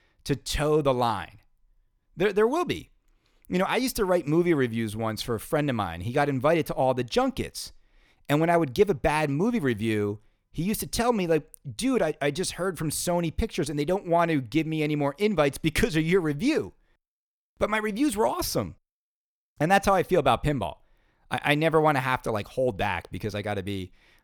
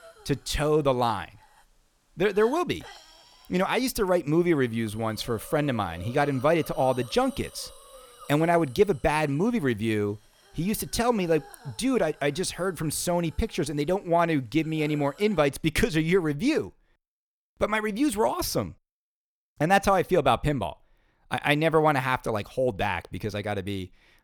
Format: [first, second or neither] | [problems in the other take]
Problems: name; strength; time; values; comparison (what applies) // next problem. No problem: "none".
first | hiss; faint; until 15 s; 25 dB below the speech